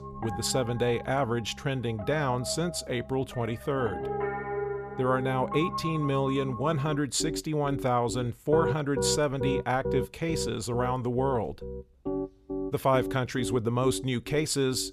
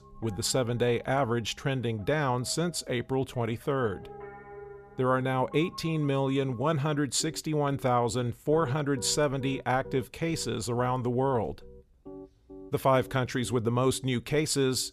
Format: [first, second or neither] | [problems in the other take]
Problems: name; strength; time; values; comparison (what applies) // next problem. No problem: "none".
second | background music; loud; throughout; 7 dB below the speech; faint in the second